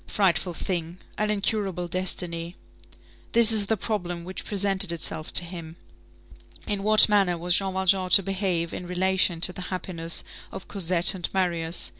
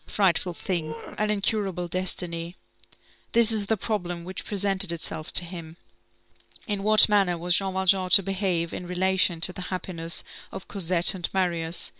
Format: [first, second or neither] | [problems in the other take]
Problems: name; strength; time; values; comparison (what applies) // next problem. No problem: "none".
first | noise reduction (neural separator model SepFormer WHAM!)